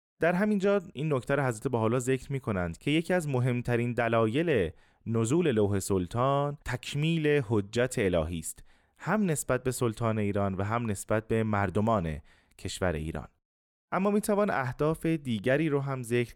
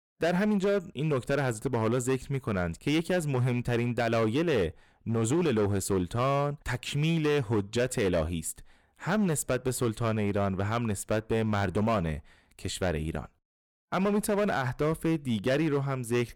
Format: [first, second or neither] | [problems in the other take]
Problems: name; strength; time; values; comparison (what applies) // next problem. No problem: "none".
first | distortion; slight; 10% of the sound clipped